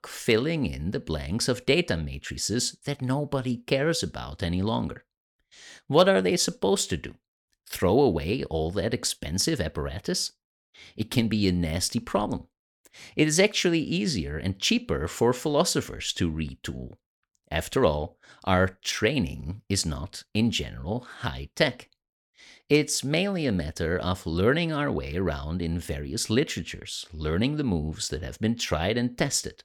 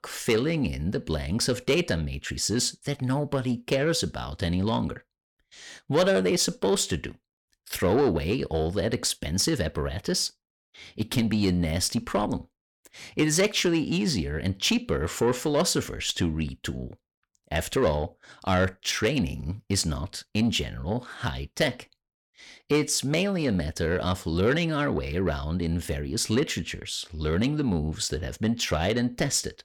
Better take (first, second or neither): first